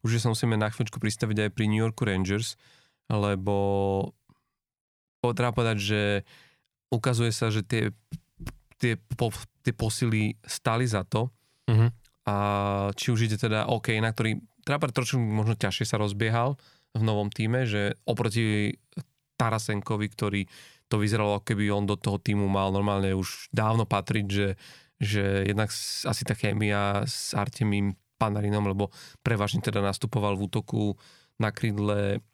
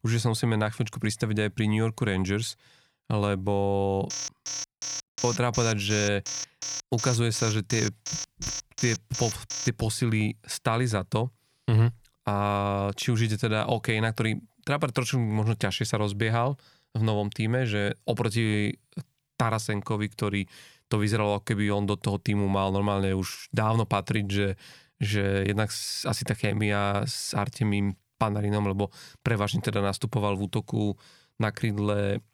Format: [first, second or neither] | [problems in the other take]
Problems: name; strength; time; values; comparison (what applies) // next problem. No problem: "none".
first | alarm; noticeable; from 4 to 9.5 s; peak 5 dB below the speech